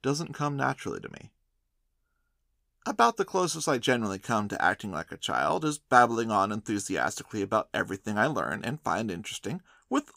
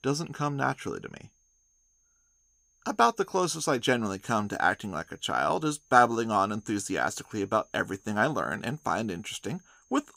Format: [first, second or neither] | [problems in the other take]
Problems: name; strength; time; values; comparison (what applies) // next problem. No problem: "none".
first | high-pitched whine; faint; throughout; 6.5 kHz, 35 dB below the speech